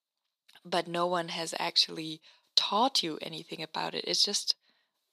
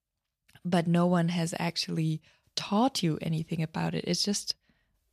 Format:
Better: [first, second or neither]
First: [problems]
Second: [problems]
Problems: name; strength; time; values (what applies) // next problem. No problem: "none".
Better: second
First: thin; very; fading below 300 Hz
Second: none